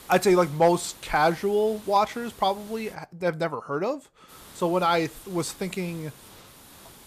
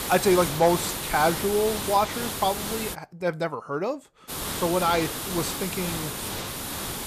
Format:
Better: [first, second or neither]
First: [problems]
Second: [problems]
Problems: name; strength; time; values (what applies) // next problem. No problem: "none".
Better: first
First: hiss; faint; until 3 s and from 4.5 s on; 20 dB below the speech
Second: hiss; loud; until 3 s and from 4.5 s on; 4 dB below the speech